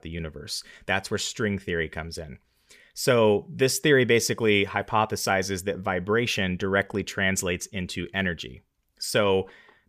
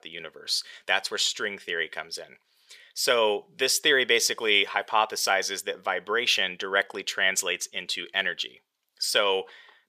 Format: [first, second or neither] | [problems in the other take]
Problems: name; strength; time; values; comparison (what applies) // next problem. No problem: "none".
first | thin; very; fading below 550 Hz